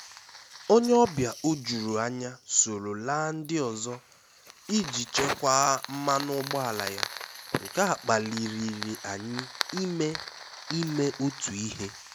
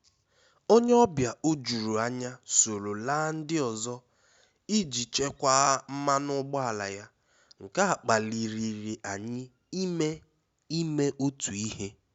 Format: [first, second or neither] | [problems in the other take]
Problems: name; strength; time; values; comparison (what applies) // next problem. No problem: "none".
second | background sound (Fire); 11 dB below the speech